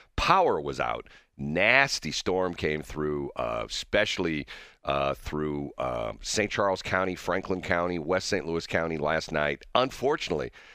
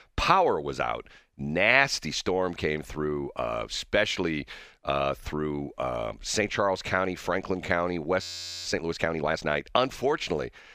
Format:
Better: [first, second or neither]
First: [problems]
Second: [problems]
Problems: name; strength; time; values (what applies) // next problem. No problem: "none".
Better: first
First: none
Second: audio freezing; at 8 s